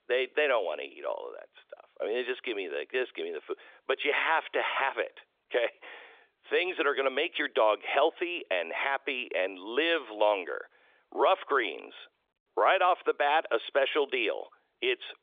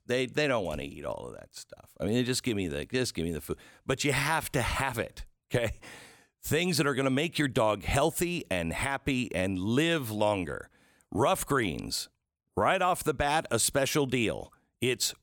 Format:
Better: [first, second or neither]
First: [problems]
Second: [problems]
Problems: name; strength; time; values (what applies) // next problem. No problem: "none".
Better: second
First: phone-call audio; nothing above 3.5 kHz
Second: none